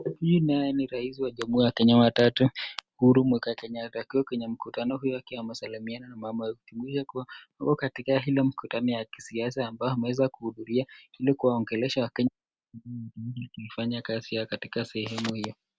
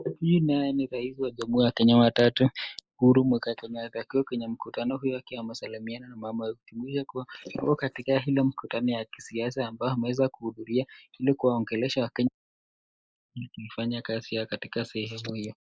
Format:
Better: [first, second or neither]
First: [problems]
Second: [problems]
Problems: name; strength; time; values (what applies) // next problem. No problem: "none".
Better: first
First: none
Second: noise reduction (neural mask model Resemble Enhance denoiser)